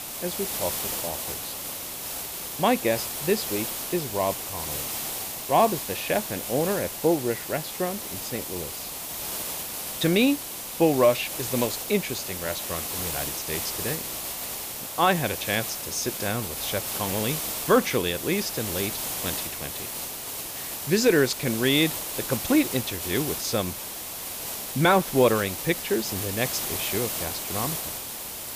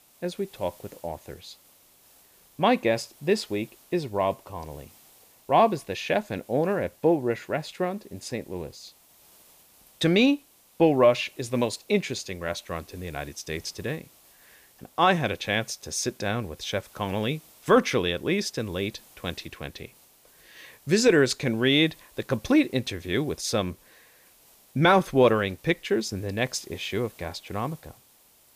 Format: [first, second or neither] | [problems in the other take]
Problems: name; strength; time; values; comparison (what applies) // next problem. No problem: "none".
second | hiss; loud; throughout; 4 dB below the speech; faint in the second